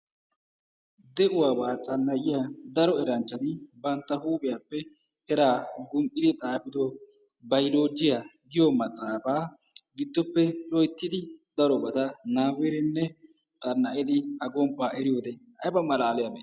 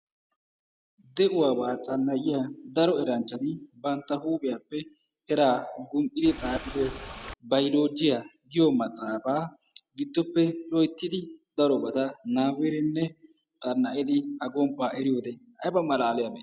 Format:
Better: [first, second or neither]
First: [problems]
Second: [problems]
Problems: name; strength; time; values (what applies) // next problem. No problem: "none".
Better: first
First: none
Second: background sound (Boat, Water vehicle); 11 dB below the speech